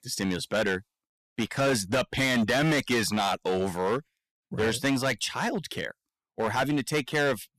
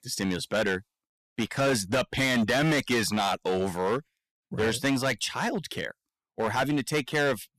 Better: neither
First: distortion; heavy; 11% of the sound clipped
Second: distortion; heavy; 11% of the sound clipped

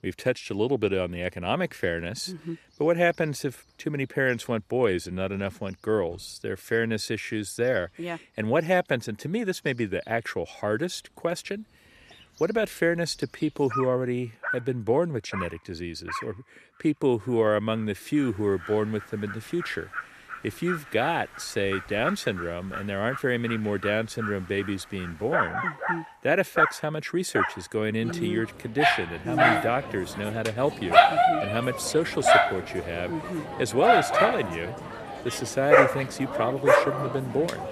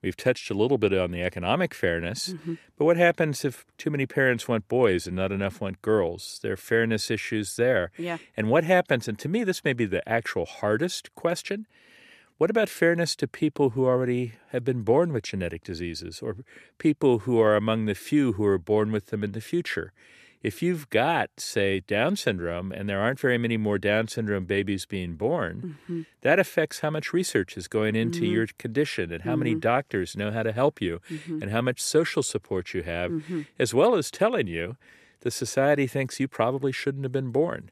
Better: second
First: animal sounds; very loud; throughout; 2 dB above the speech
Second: none

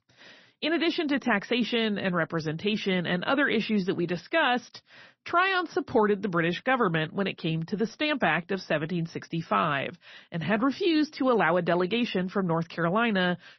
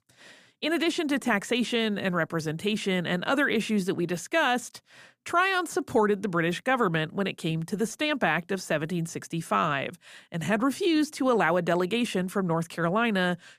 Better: second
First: garbled, watery; slightly; nothing above 6 kHz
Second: none

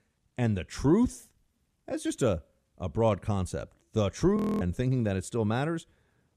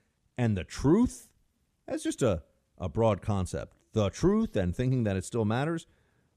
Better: second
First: audio freezing; at 4.5 s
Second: none

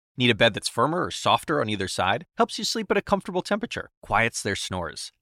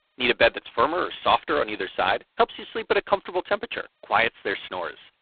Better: first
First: none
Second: phone-call audio; poor line; nothing above 4 kHz

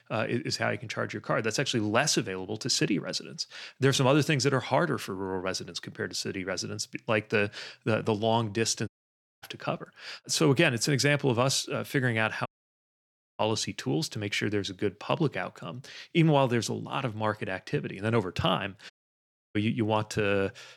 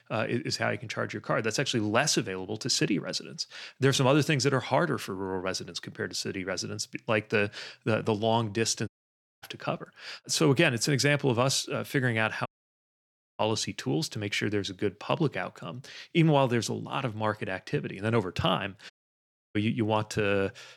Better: neither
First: audio cutting out; at 9 s for 0.5 s, at 12 s for 1 s and at 19 s for 0.5 s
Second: audio cutting out; at 9 s for 0.5 s, at 12 s for 1 s and at 19 s for 0.5 s

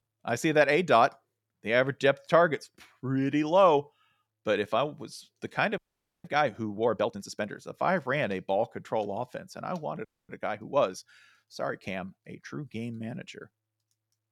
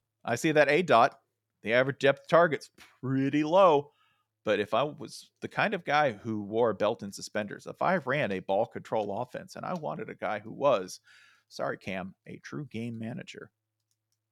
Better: second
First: audio freezing; at 6 s and at 10 s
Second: none

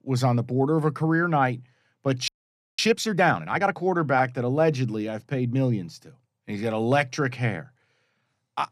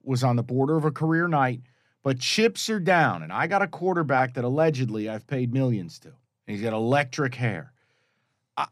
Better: second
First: audio freezing; at 2.5 s for 0.5 s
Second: none

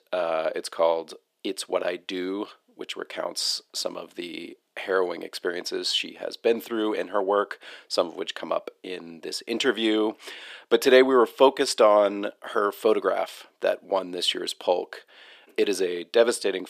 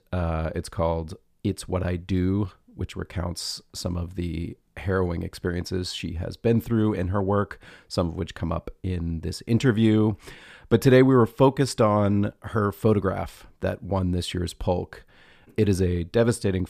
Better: second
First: thin; very; fading below 350 Hz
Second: none

